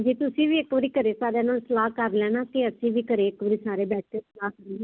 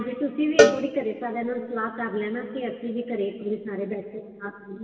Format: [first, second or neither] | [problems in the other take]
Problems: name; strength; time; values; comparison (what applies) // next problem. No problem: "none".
first | background sound (Cowbell); 3 dB above the speech // room echo; dies away in 1.9 s